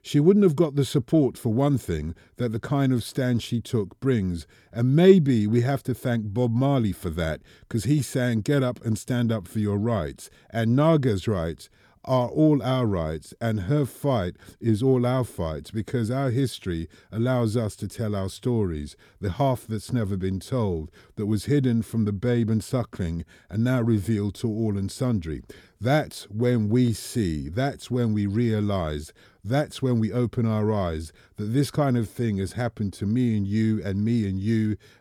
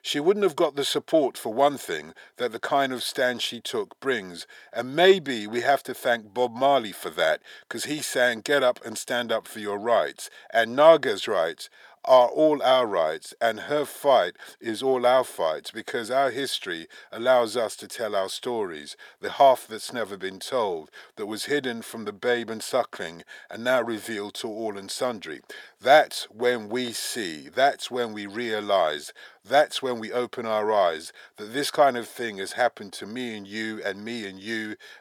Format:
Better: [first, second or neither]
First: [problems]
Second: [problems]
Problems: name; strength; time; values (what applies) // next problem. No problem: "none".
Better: first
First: none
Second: thin; very; fading below 600 Hz